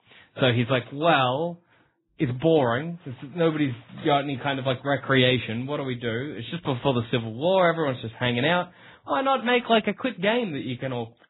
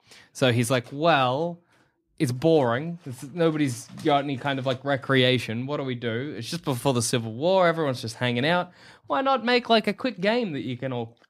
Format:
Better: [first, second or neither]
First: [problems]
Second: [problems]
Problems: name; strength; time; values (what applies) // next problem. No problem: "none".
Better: second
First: garbled, watery; badly; nothing above 4 kHz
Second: none